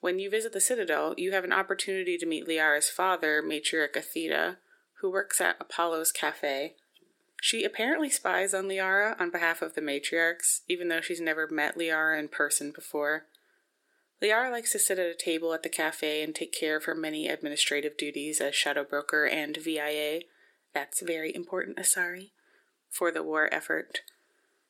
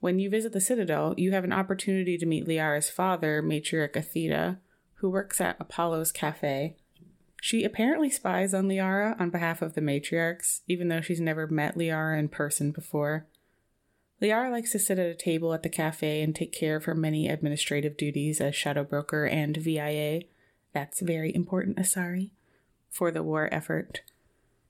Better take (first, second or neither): second